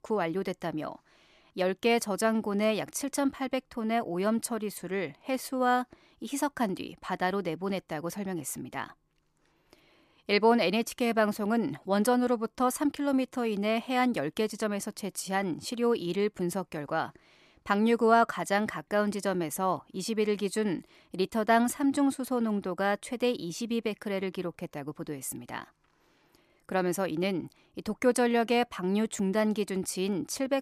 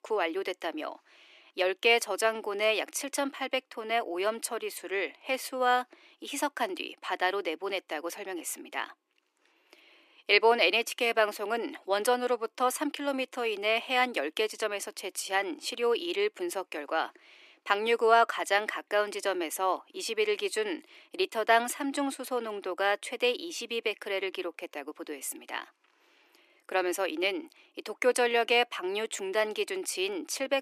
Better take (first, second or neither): first